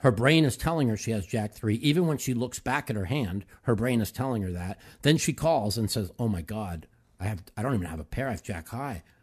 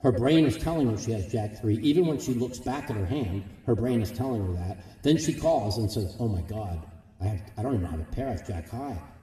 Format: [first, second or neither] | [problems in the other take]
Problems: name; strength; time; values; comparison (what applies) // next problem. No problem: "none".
first | room echo; slight; dies away in 1.2 s // off-mic speech; somewhat distant